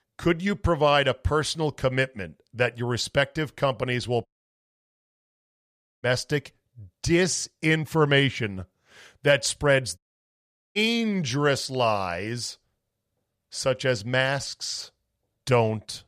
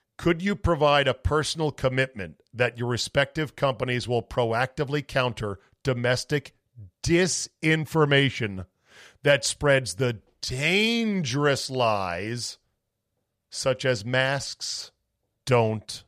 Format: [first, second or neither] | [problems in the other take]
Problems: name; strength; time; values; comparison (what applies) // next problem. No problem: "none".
second | audio cutting out; at 4.5 s for 2 s and at 10 s for 1 s